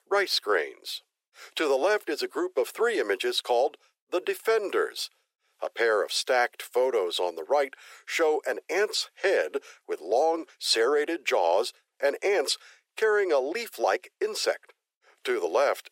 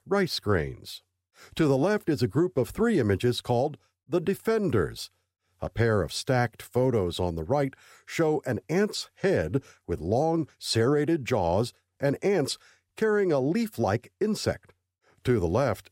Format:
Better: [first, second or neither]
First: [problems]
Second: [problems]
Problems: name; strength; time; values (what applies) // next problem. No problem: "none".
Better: second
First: thin; very; fading below 400 Hz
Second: none